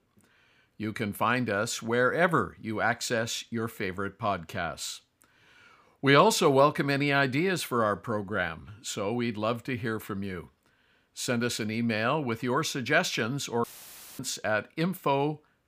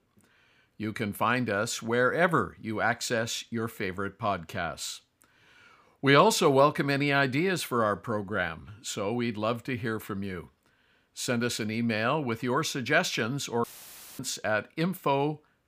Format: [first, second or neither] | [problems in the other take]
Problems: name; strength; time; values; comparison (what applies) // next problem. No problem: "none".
neither | audio cutting out; filled with static; at 14 s for 0.5 s; the same in both